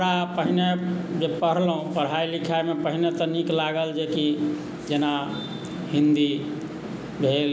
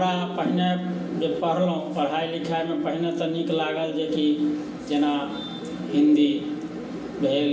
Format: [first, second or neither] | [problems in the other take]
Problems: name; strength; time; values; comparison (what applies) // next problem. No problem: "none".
first | background sound (Bird); 15 dB below the speech // room echo; dies away in 0.7 s